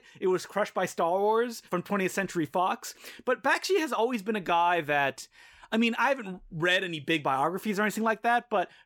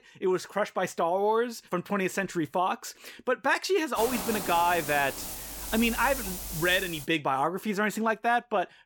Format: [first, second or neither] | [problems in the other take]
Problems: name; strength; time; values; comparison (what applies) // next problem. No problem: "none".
first | hiss; loud; from 4 to 7 s; 7 dB below the speech